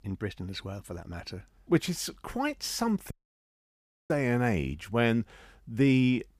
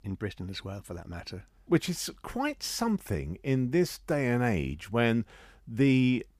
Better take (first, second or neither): second